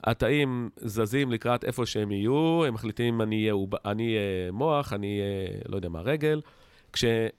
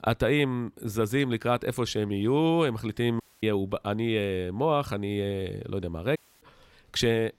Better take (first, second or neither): first